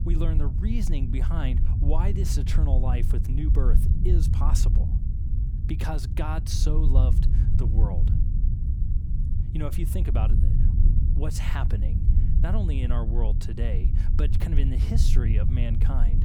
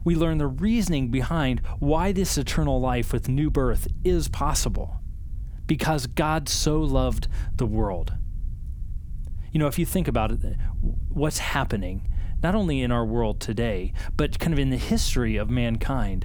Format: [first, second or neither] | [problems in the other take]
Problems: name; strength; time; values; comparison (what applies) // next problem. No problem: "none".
second | low rumble; loud; throughout; 4 dB below the speech; faint in the second